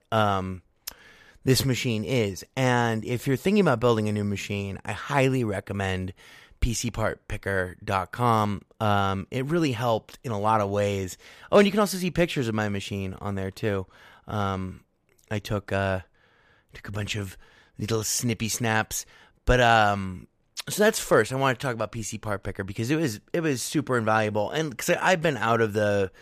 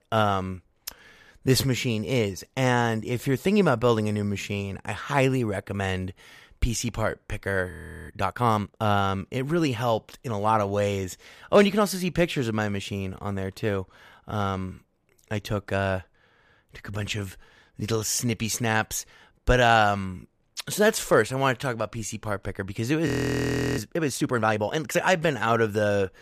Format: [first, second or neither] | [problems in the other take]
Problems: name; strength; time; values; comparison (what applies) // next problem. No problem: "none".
first | audio freezing; at 7.5 s and at 23 s for 0.5 s